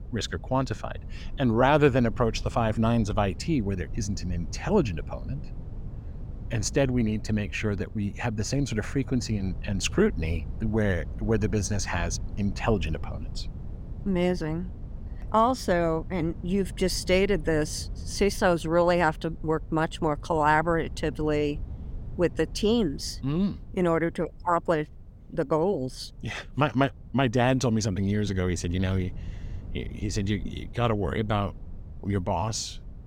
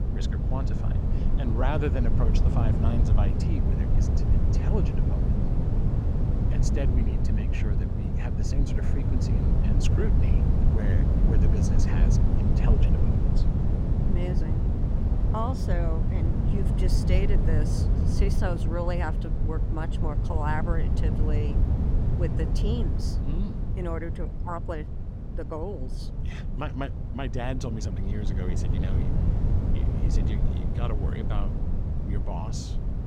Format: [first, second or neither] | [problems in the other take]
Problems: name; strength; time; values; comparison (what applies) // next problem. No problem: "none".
first | low rumble; loud; throughout; 1 dB below the speech; faint in the first